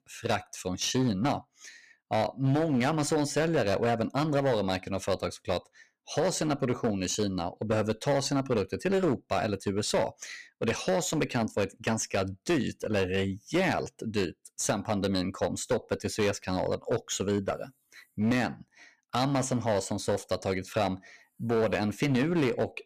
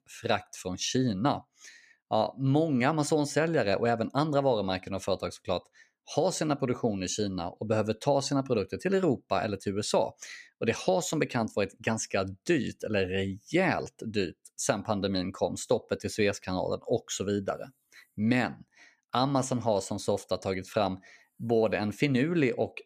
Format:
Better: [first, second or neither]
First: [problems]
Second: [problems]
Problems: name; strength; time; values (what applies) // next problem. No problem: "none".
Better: second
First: distortion; slight; 10% of the sound clipped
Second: none